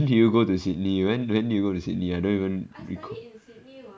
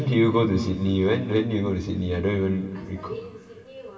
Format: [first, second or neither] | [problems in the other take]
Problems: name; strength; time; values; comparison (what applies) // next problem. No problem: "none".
first | room echo; dies away in 2.2 s